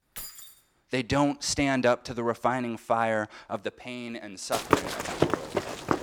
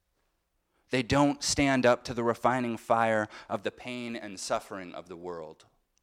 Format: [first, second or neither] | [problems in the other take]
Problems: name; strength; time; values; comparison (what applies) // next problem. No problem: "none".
second | jangling keys; faint; at the start; peak 10 dB below the speech // footsteps; loud; from 4.5 s on; peak 2 dB above the speech